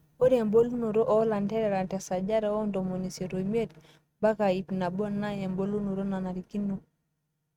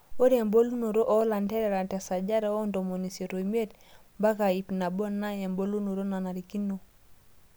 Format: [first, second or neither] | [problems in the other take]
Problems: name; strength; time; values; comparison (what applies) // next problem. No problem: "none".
second | noise reduction (neural mask model RNNoise)